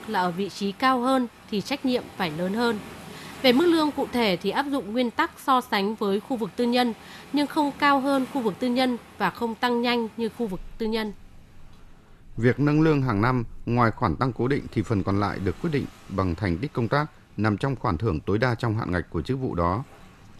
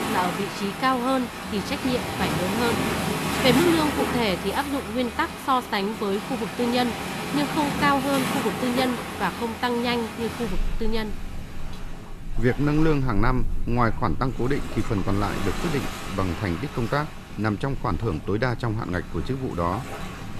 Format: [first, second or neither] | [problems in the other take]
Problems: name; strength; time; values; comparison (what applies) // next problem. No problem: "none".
first | rain or running water; loud; throughout; 5 dB below the speech; faint in the first